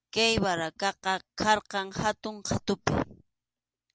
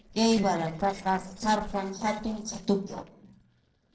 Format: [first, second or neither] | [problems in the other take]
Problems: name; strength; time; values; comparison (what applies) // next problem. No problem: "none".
first | noise reduction (neural separator model SepFormer DNS4)